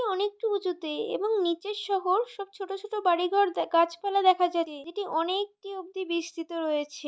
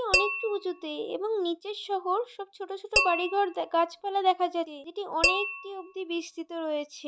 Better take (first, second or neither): first